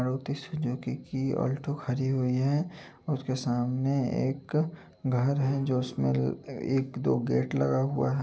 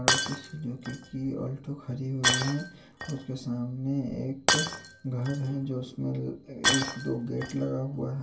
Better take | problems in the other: first | background sound (Shatter); 1 dB below the speech // room echo; dies away in 0.2 s

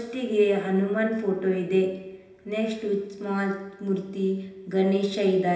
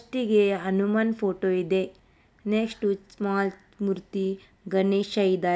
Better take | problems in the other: second | room echo; dies away in 0.9 s

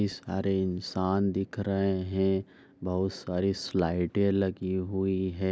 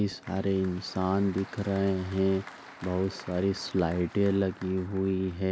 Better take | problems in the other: first | background sound (Applause); 20 dB below the speech

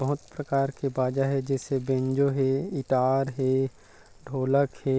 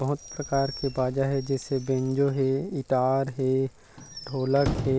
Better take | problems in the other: first | background sound (Squeak / Slam / Wood); 12 dB below the speech

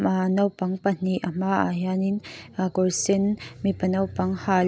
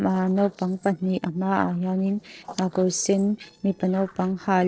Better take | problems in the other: first | noise reduction (neural separator model SepFormer DNS4)

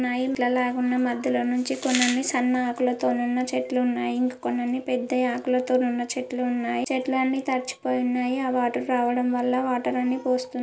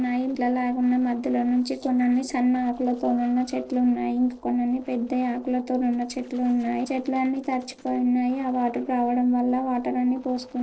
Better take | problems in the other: first | noise reduction (neural separator model SepFormer DNS4)

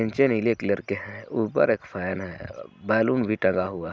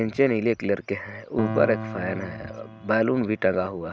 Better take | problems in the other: first | background sound (Piano); 11 dB below the speech

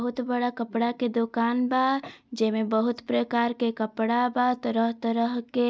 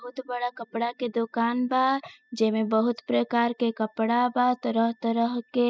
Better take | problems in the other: first | noise reduction (classical method spectral subtraction)

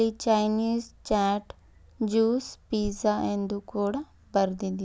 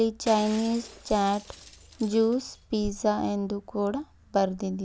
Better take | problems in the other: first | background sound (Shatter); 20 dB below the speech

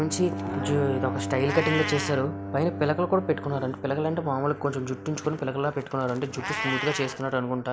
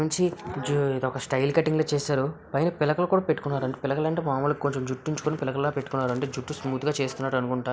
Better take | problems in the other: second | background sound (Meow + Bowed string instrument); 7 dB below the speech

